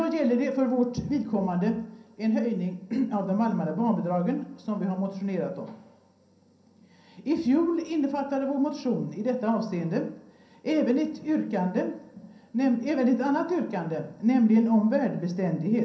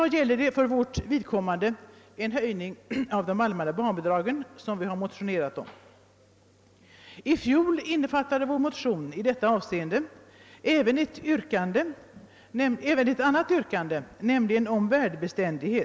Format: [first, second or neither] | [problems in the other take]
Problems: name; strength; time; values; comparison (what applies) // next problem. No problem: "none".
second | room echo; dies away in 0.6 s